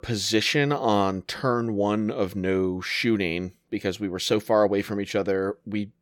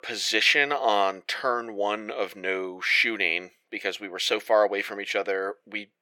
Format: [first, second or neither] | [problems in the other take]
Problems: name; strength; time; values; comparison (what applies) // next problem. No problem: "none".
first | thin; very; fading below 550 Hz